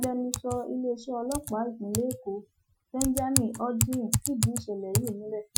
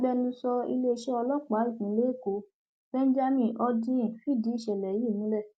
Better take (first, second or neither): second